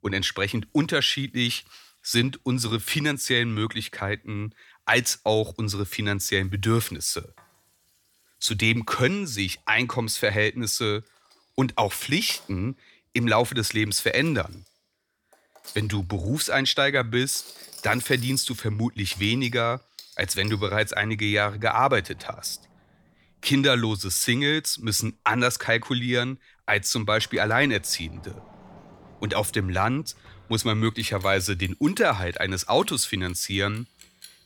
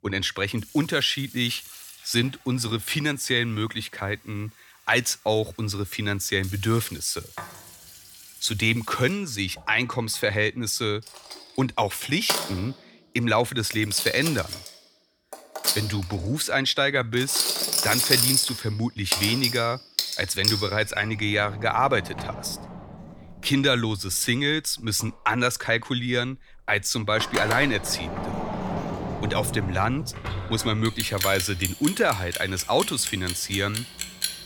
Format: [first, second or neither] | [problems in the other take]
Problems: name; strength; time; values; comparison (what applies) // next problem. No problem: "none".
first | household noises; loud; throughout; 3 dB below the speech; faint in the first